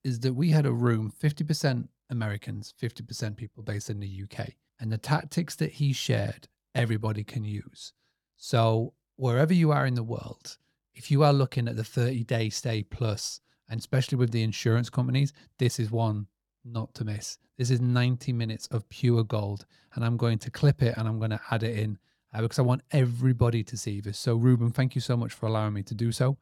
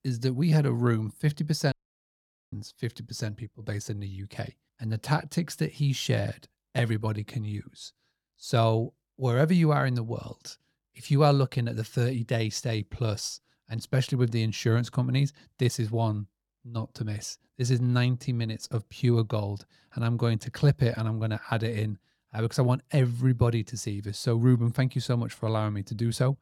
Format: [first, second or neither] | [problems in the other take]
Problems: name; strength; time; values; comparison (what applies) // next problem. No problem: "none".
first | audio cutting out; at 1.5 s for 1 s